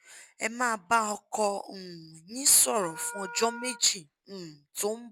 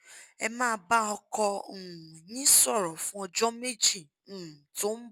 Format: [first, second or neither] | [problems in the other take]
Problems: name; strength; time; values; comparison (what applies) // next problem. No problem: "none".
second | background sound (Wind instrument, woodwind instrument); 16 dB below the speech